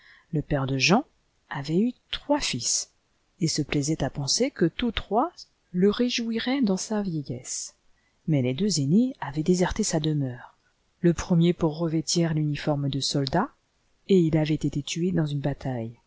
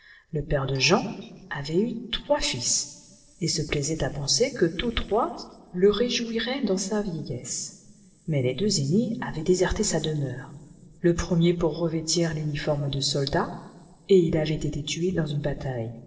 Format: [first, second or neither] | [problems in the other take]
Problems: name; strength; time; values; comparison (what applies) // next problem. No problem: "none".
first | noise reduction (neural separator model SepFormer DNS4)